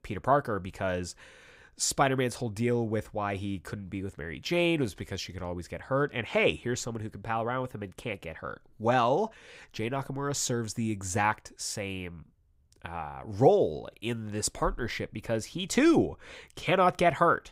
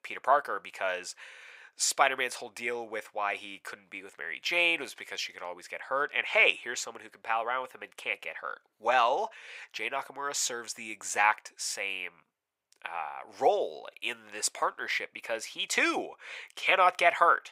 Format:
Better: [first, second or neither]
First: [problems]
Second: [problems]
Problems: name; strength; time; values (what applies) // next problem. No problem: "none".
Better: first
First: none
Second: thin; very; fading below 750 Hz